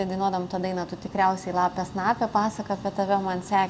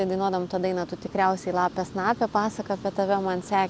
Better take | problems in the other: second | room echo; dies away in 1.9 s

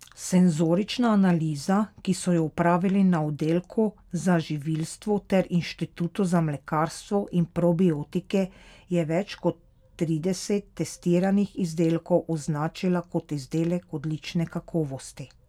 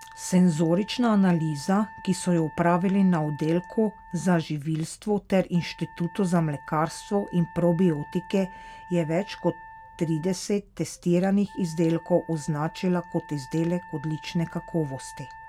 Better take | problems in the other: first | background sound (Wind instrument, woodwind instrument); 20 dB below the speech

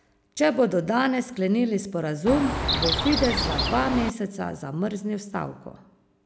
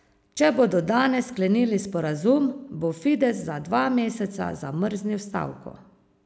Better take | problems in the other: second | background sound (Chirp, tweet); 1 dB below the speech

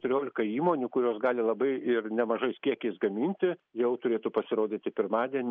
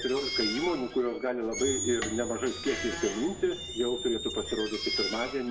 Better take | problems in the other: first | background sound (Squeak); 5 dB below the speech // room echo; dies away in 0.6 s

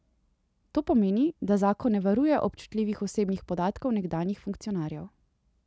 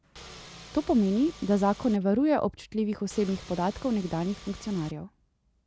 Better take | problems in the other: first | background sound (Engine / Car); 18 dB below the speech

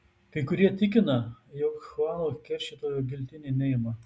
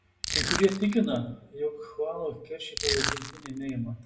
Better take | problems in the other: first | background sound (Crushing); 2 dB below the speech // room echo; dies away in 0.6 s

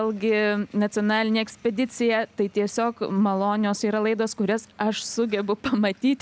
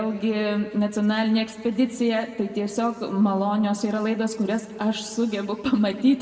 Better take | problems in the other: first | room echo; dies away in 1.5 s

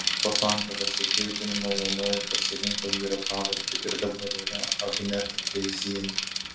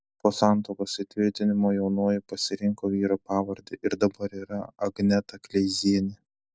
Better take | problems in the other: second | background sound (Bicycle); 2 dB above the speech // room echo; dies away in 0.3 s

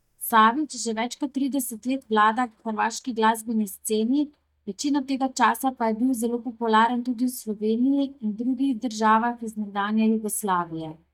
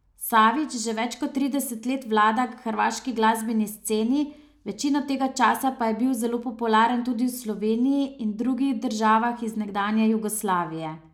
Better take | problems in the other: second | noise reduction (neural mask model DeepFilterNet 3)

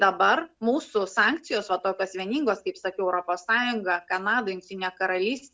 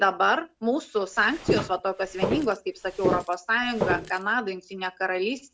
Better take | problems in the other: first | background sound (Walk, footsteps); 4 dB below the speech

